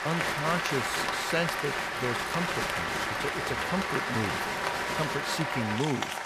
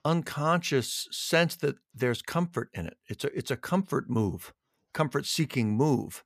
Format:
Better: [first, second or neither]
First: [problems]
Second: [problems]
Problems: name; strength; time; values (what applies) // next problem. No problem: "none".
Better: second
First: crowd noise; very loud; throughout; 3 dB above the speech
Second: none